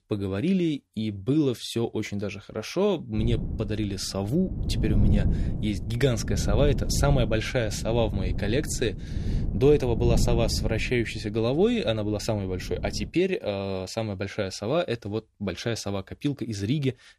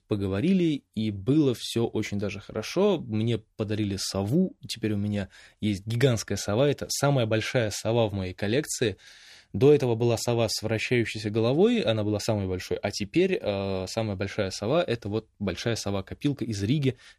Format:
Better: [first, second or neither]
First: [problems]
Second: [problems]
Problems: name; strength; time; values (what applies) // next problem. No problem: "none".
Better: second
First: wind noise on the microphone; occasional gusts; from 3 to 13 s; 10 dB below the speech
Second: none